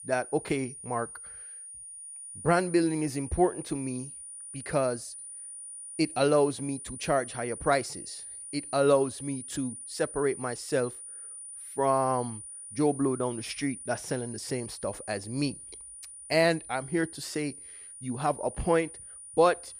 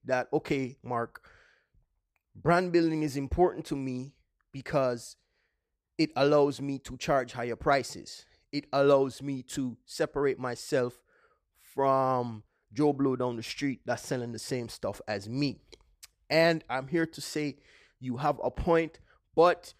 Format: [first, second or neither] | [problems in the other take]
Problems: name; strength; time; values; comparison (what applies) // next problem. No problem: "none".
second | high-pitched whine; noticeable; throughout; 9.5 kHz, 10 dB below the speech